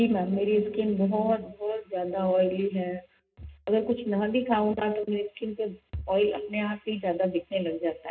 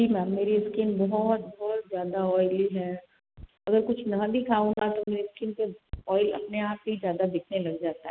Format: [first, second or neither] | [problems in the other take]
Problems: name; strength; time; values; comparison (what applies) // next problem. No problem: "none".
second | room echo; dies away in 0.2 s